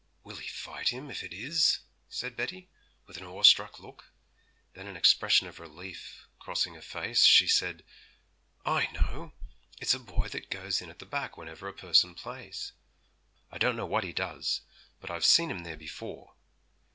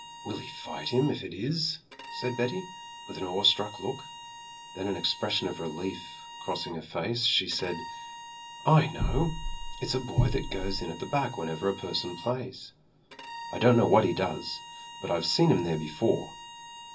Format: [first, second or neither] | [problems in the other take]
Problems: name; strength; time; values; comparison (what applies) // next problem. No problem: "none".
first | background sound (Bowed string instrument); 15 dB below the speech // room echo; dies away in 0.4 s